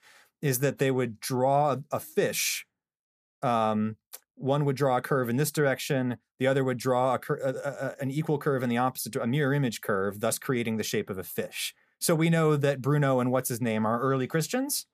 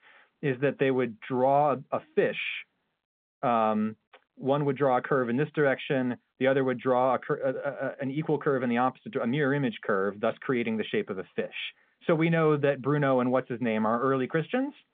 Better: first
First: none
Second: phone-call audio; nothing above 3.5 kHz

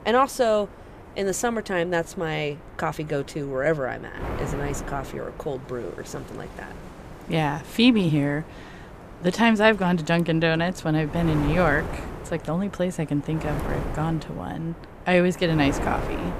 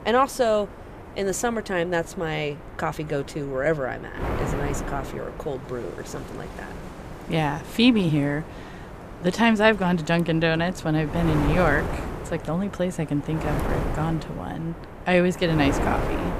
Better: first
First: wind noise on the microphone; occasional gusts; 15 dB below the speech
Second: wind noise on the microphone; heavy; 10 dB below the speech

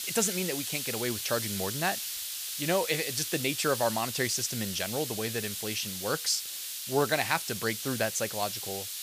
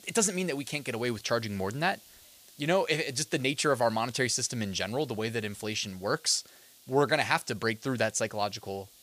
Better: second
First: hiss; loud; throughout; 3 dB below the speech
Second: hiss; faint; throughout; 25 dB below the speech

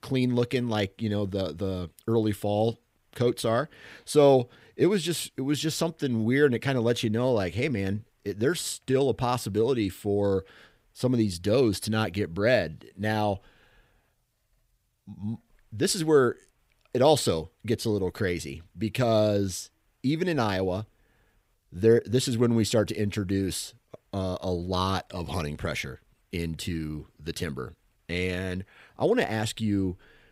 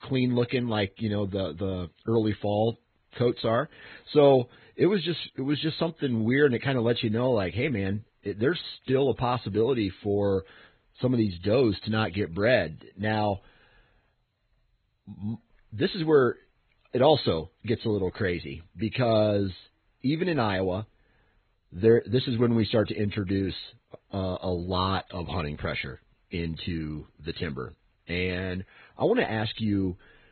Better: first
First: none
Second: garbled, watery; badly; nothing above 4 kHz

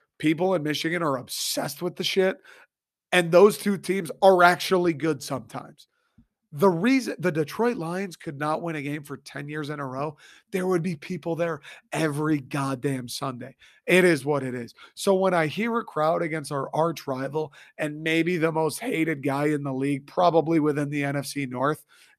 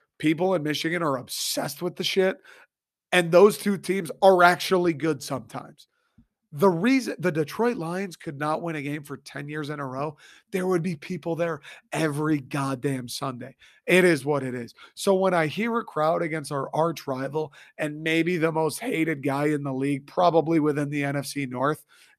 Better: neither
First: none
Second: none

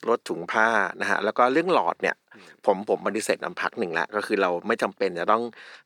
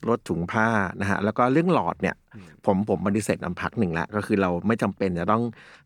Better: second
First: thin; somewhat; fading below 450 Hz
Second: none

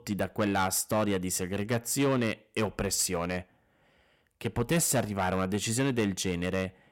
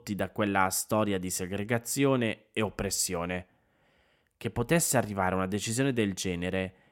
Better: second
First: distortion; slight; 5% of the sound clipped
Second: none

